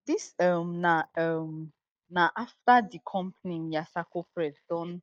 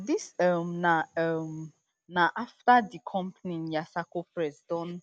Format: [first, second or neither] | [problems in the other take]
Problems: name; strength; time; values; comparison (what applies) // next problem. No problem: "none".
second | noise reduction (neural mask model DeepFilterNet 3)